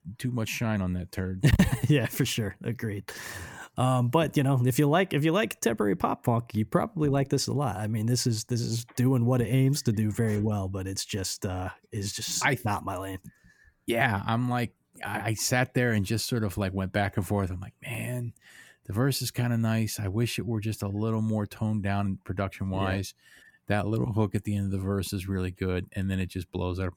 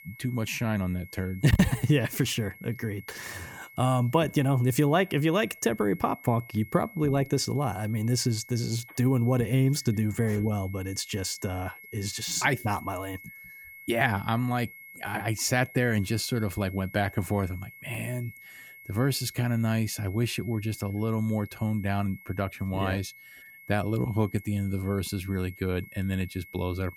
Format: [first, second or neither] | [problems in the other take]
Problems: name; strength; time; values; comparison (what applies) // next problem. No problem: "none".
first | high-pitched whine; noticeable; throughout; 2 kHz, 20 dB below the speech